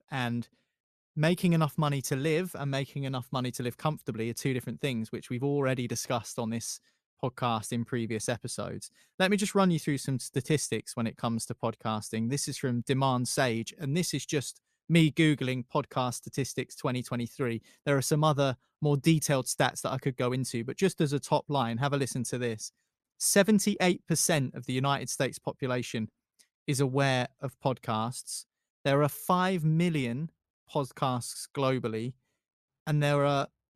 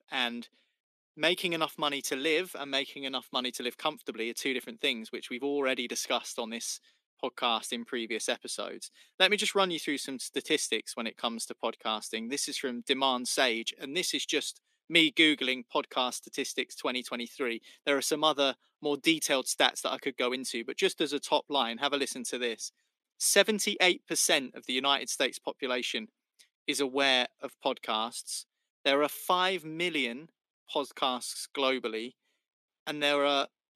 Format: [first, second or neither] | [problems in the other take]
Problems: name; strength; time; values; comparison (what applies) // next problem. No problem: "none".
first | thin; somewhat; fading below 250 Hz